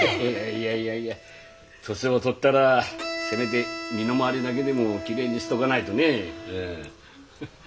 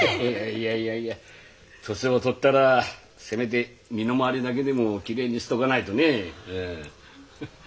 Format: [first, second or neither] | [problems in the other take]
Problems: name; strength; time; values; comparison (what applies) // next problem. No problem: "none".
second | background sound (Wind instrument, woodwind instrument + Bowed string instrument); 11 dB below the speech